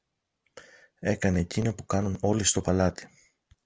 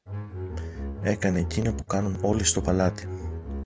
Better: first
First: none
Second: background sound (Bowed string instrument); 6 dB below the speech

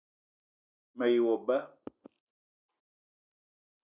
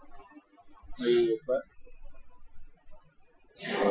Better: first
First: none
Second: noise reduction (classical method Wiener filter)

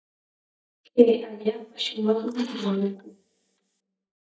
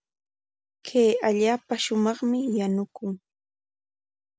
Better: second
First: noise reduction (neural mask model DeepFilterNet 3)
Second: none

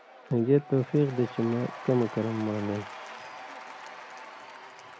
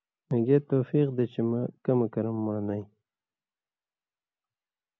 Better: second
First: background sound (Applause / Crowd / Cheering); 14 dB below the speech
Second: none

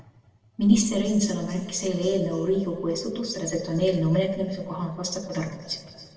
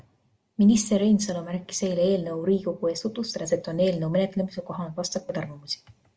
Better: second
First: room echo; dies away in 1.7 s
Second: none

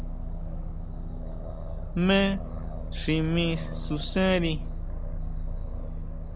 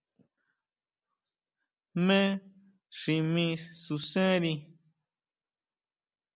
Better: second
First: background sound (Aircraft); 2 dB below the speech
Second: none

